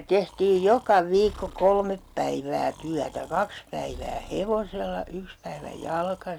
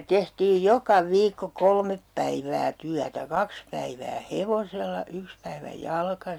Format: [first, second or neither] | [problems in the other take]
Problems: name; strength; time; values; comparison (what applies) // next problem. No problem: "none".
second | background sound (Breathing); 20 dB below the speech